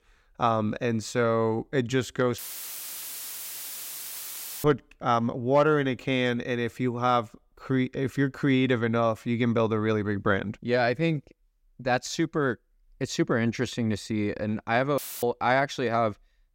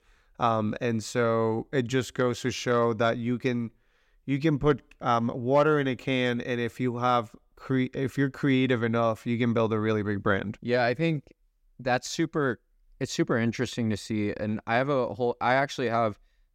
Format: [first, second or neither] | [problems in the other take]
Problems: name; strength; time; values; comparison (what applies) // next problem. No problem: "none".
second | audio cutting out; filled with static; at 2.5 s for 2.5 s and at 15 s